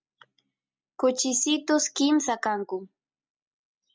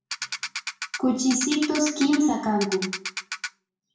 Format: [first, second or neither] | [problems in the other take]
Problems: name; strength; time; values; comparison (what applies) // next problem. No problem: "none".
first | background sound (Ratchet, pawl); 8 dB below the speech // room echo; dies away in 0.6 s